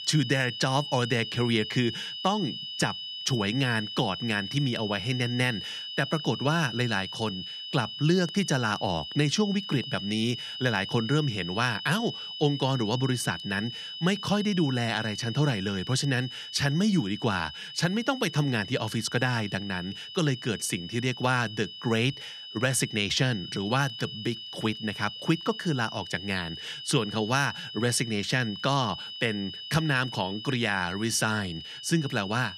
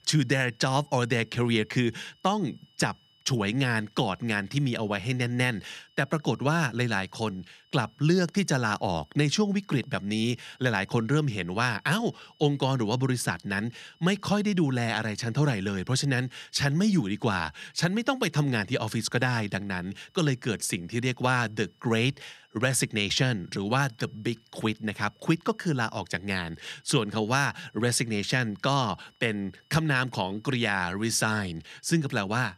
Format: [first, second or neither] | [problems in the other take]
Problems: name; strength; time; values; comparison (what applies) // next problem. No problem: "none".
second | high-pitched whine; loud; throughout; 3 kHz, 8 dB below the speech; faint in the second